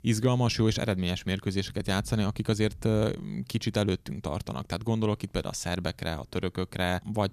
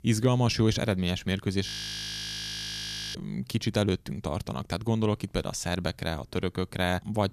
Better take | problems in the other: first | audio freezing; at 1.5 s for 1.5 s

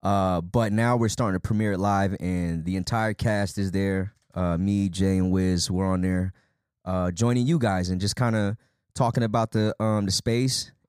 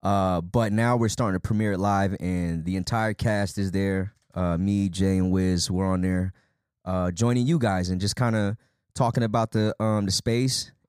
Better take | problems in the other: neither | none

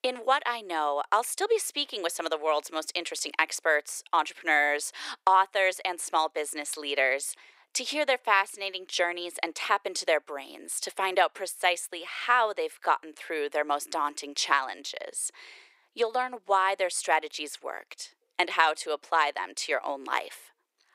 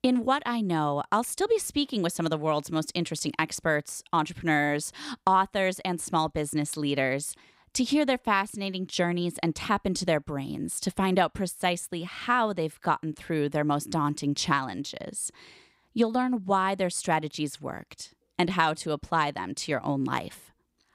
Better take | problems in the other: second | thin; very; fading below 400 Hz

